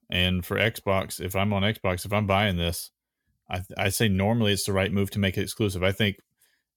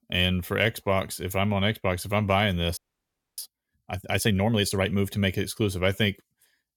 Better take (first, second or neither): first